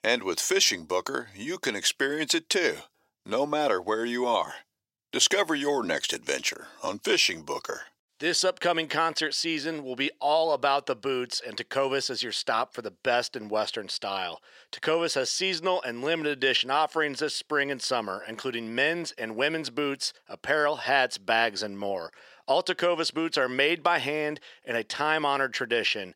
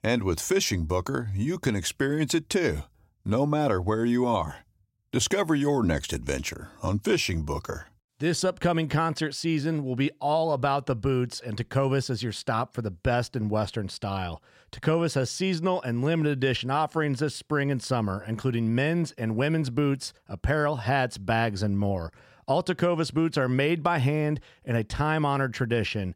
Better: second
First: thin; somewhat; fading below 450 Hz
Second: none

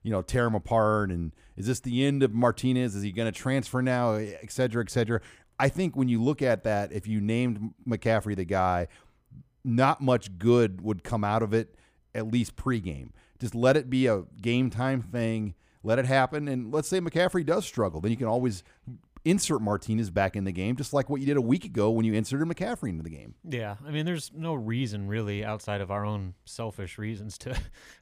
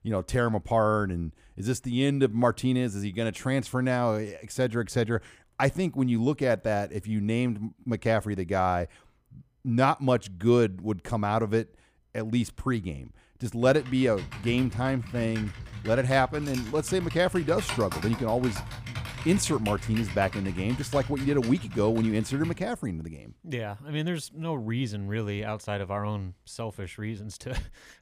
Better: first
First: none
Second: keyboard typing; noticeable; from 14 to 23 s; peak 5 dB below the speech

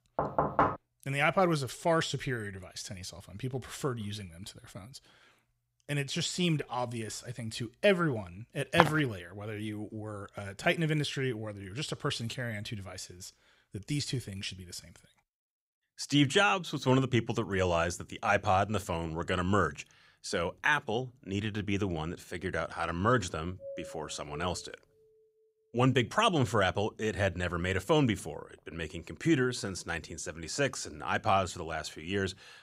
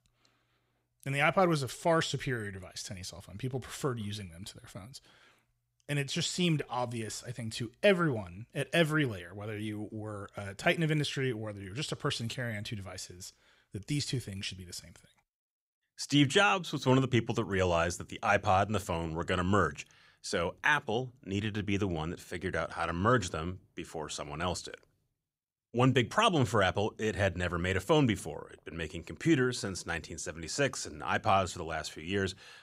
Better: second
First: door banging; loud; at the start; peak 3 dB above the speech // footsteps; loud; at 9 s; peak 2 dB above the speech // doorbell; faint; from 24 to 25 s; peak 15 dB below the speech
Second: none

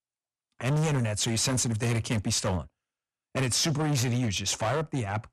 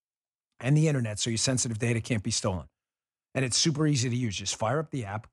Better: second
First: distortion; heavy; 20% of the sound clipped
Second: none

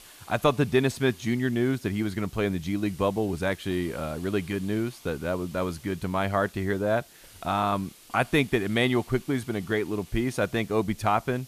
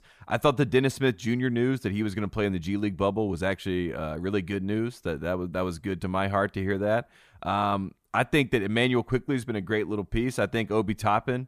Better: second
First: hiss; faint; throughout; 20 dB below the speech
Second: none

